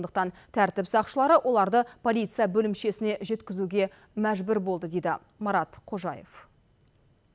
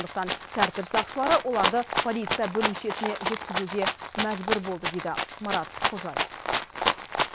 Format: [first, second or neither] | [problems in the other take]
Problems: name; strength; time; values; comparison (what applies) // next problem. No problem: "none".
first | background sound (Rattle (instrument)); as loud as the speech